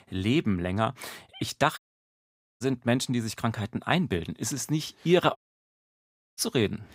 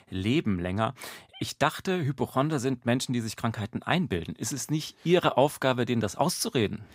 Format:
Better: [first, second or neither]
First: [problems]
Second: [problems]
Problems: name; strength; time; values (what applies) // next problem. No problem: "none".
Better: second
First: audio cutting out; at 2 s for 1 s and at 5.5 s for 1 s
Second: none